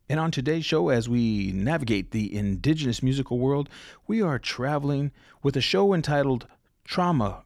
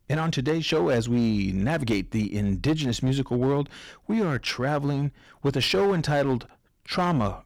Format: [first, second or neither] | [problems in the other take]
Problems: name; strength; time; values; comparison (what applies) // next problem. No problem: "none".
first | distortion; slight; 10% of the sound clipped